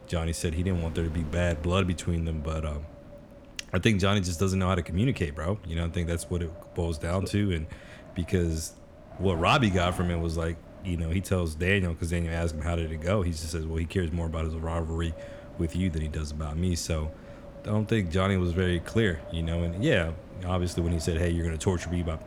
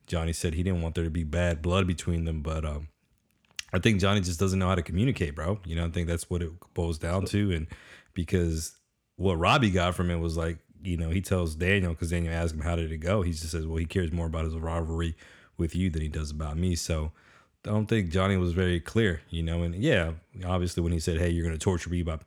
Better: second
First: wind noise on the microphone; occasional gusts; 15 dB below the speech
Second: none

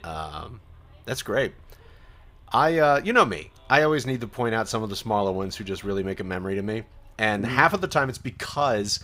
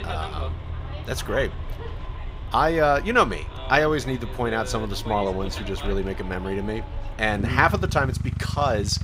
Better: first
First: traffic noise; faint; throughout; 25 dB below the speech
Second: traffic noise; loud; throughout; 8 dB below the speech

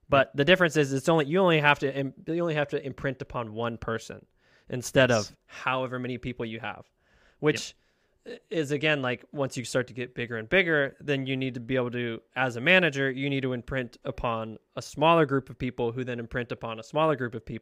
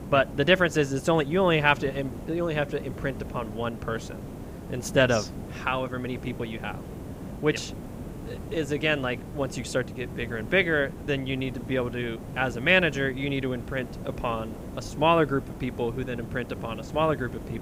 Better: first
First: none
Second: hiss; noticeable; throughout; 10 dB below the speech

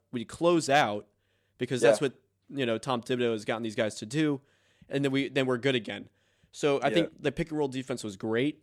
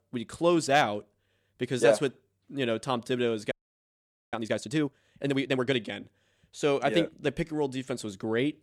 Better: first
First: none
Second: audio freezing; at 3.5 s for 1 s

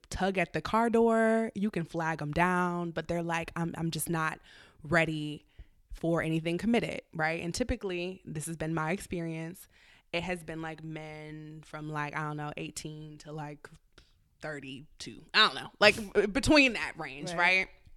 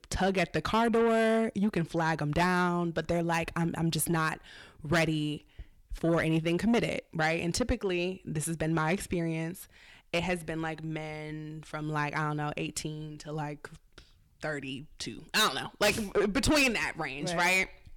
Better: first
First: none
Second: distortion; heavy; 7 dB below the speech

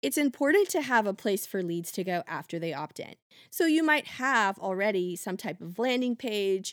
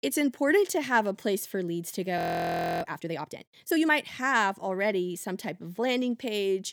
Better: first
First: none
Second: audio freezing; at 2 s for 0.5 s

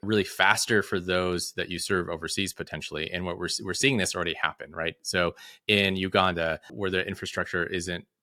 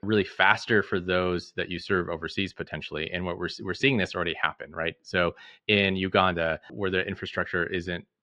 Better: first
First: none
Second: muffled; slightly; fading above 3.5 kHz

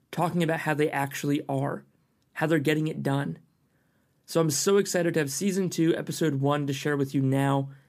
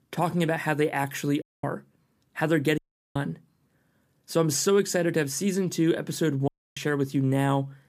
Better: first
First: none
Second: audio cutting out; at 1.5 s, at 3 s and at 6.5 s

